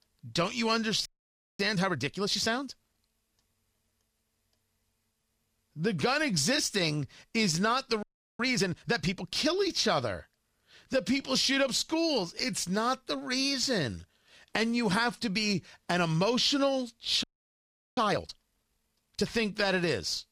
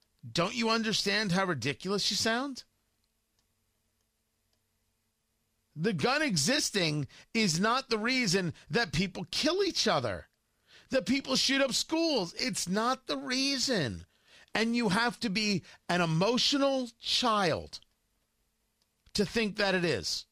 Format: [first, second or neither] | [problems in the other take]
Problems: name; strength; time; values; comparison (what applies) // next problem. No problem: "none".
second | audio freezing; at 1 s for 0.5 s, at 8 s and at 17 s for 0.5 s